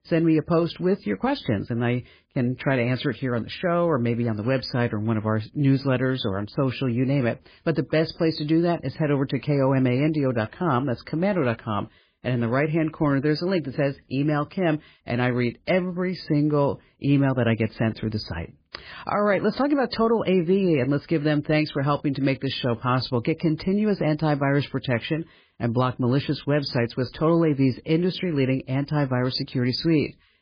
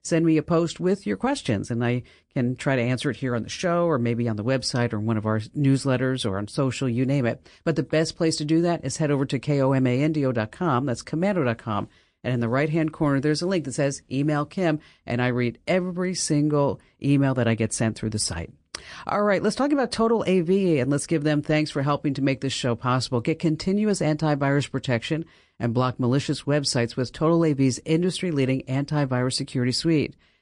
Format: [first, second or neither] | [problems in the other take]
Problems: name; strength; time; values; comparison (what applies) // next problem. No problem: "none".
second | garbled, watery; badly; slightly in the second